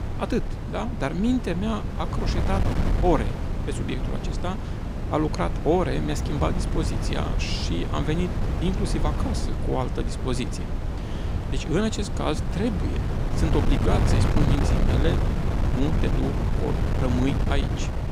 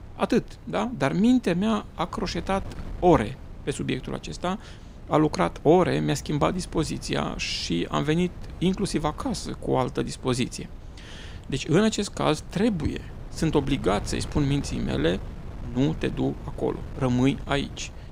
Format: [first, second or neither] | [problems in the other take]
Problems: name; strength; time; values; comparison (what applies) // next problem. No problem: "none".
second | wind noise on the microphone; heavy; 4 dB below the speech; occasional gusts in the second